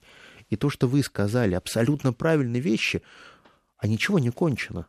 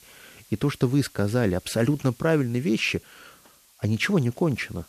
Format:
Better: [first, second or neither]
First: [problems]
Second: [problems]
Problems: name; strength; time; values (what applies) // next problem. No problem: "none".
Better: first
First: none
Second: hiss; faint; throughout; 25 dB below the speech